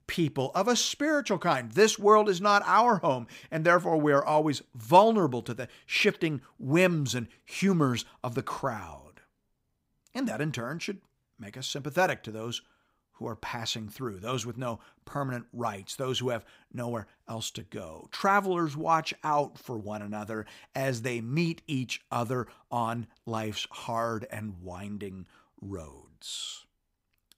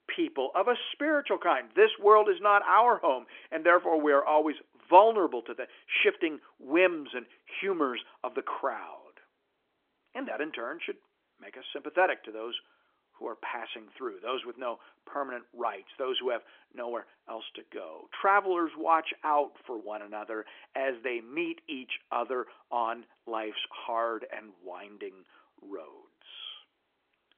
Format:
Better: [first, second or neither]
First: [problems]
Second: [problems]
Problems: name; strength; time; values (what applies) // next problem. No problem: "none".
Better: first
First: none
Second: phone-call audio; nothing above 3.5 kHz